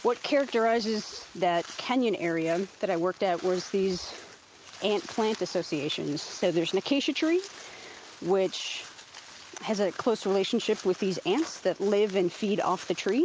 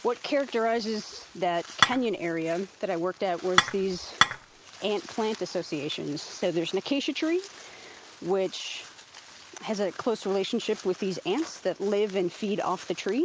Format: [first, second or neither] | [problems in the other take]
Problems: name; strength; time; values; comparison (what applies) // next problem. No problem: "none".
first | background sound (Dishes, pots, and pans / Chink, clink); 4 dB above the speech